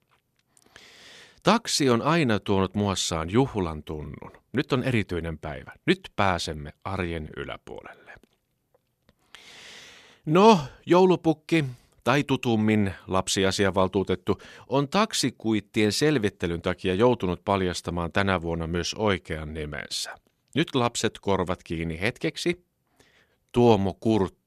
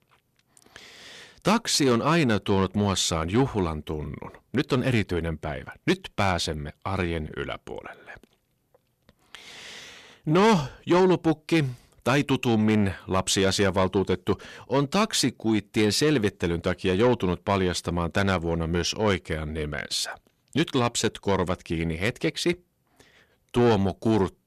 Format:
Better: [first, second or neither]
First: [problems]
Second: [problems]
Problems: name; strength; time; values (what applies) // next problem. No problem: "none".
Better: first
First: none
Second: distortion; slight; 10 dB below the speech